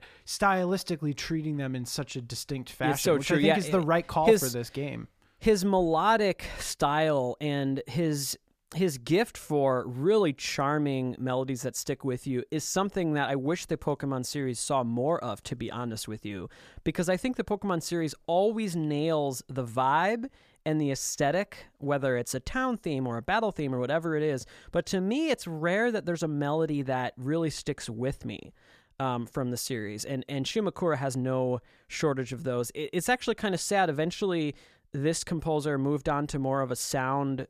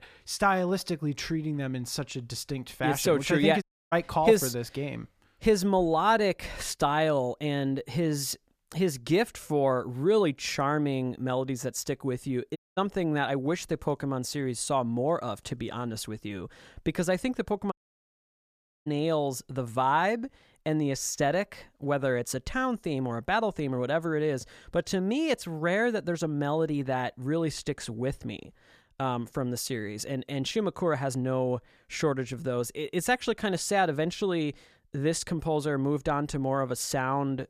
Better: first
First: none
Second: audio cutting out; at 3.5 s, at 13 s and at 18 s for 1 s

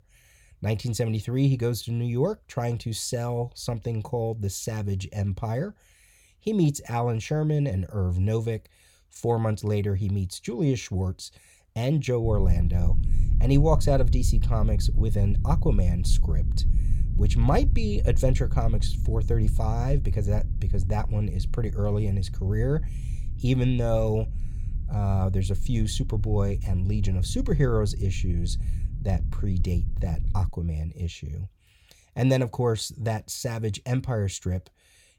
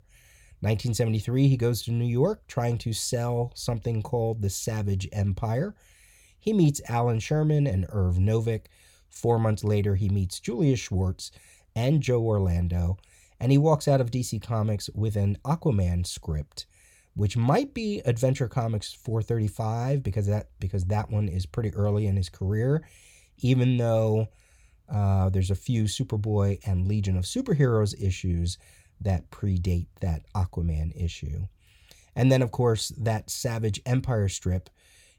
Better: second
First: low rumble; noticeable; from 12 to 30 s; 15 dB below the speech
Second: none

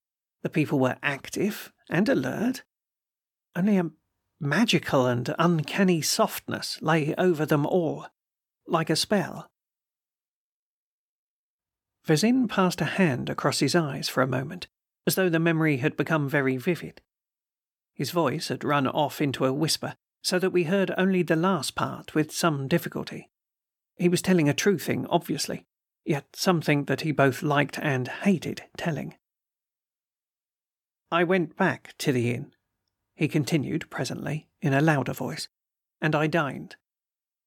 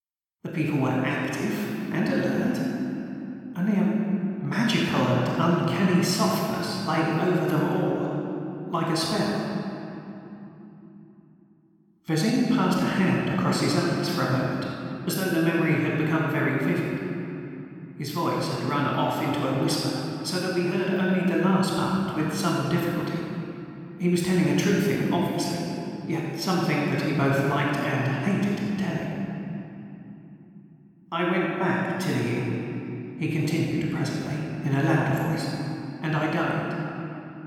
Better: first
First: none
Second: off-mic speech; far // room echo; strong; dies away in 2.8 s

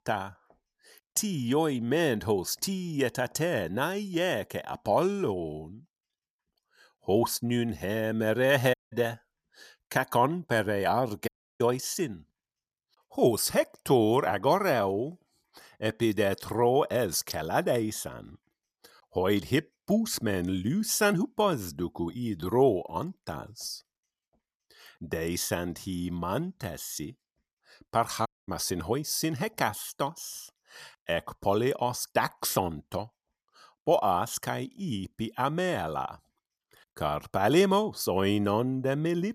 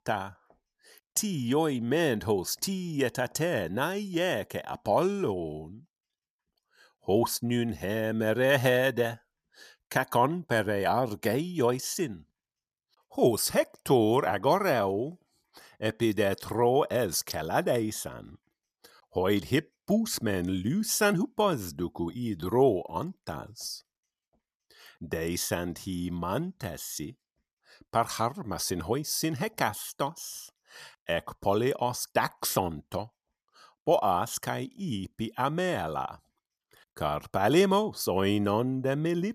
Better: second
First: audio cutting out; at 8.5 s, at 11 s and at 28 s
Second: none

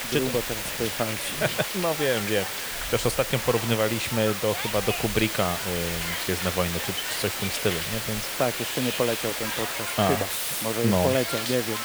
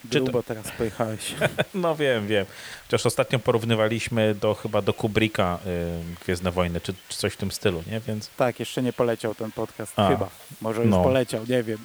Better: second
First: hiss; loud; throughout; 1 dB below the speech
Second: hiss; faint; throughout; 20 dB below the speech

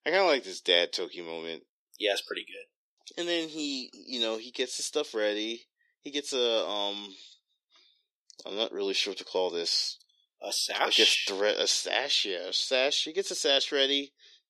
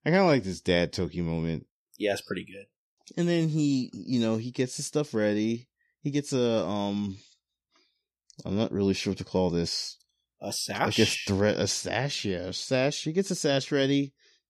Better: second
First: thin; somewhat; fading below 350 Hz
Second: none

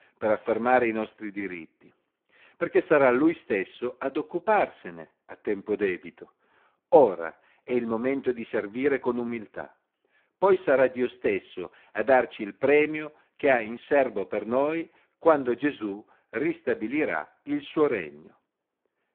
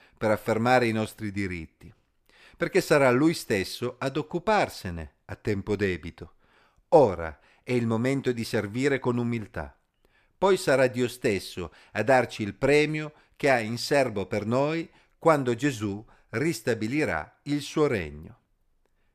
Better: second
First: phone-call audio; poor line; nothing above 3.5 kHz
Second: none

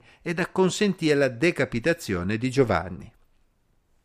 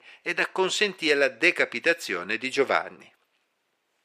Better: first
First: none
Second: thin; somewhat; fading below 450 Hz

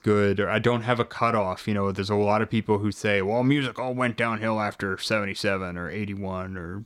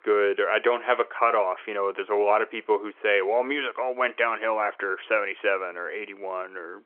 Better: first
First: none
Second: phone-call audio

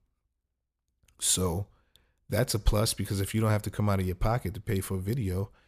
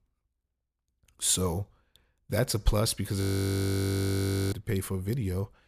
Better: first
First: none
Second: audio freezing; at 3 s for 1.5 s

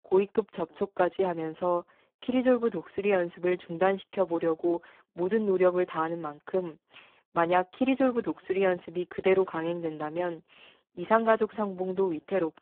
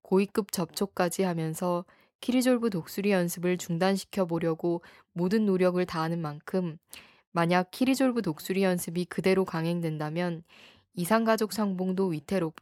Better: second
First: phone-call audio; poor line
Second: none

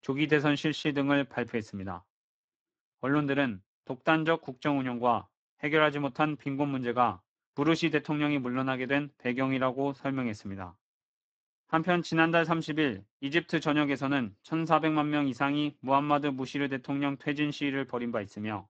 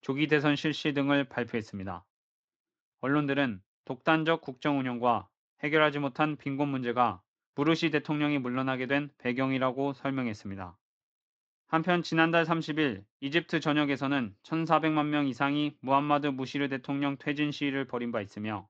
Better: second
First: garbled, watery; badly; nothing above 7.5 kHz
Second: garbled, watery; slightly

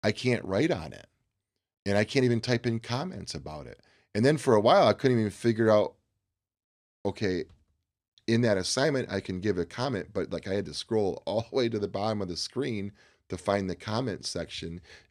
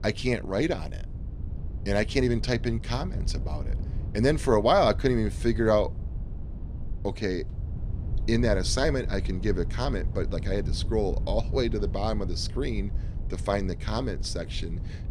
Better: first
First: none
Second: wind noise on the microphone; occasional gusts; 20 dB below the speech

